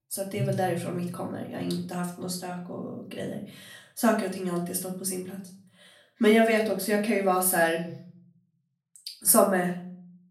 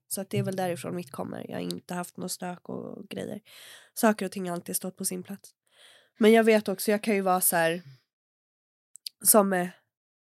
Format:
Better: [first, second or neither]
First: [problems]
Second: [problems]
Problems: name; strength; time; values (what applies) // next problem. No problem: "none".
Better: second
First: off-mic speech; far // room echo; slight; dies away in 0.5 s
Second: none